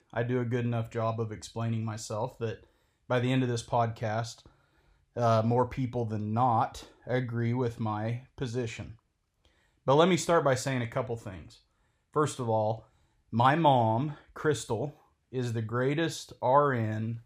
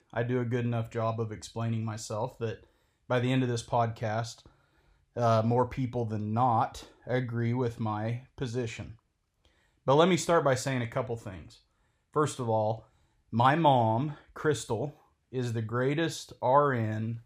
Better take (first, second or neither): neither